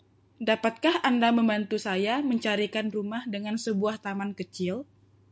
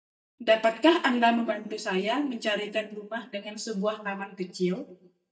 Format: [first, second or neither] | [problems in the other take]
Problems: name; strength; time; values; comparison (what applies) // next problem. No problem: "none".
first | noise reduction (neural mask model DeepFilterNet 3)